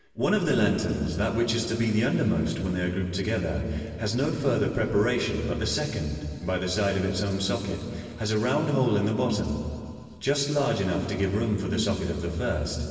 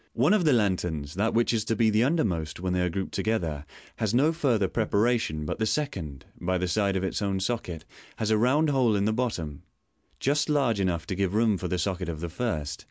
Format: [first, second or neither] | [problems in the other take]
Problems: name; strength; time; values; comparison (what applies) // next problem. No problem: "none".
second | room echo; dies away in 2.6 s